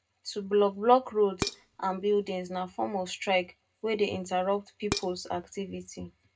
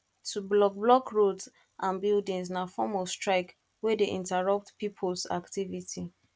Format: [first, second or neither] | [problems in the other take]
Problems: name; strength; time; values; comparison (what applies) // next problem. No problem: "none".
second | background sound (Dishes, pots, and pans); 8 dB below the speech // room echo; dies away in 0.2 s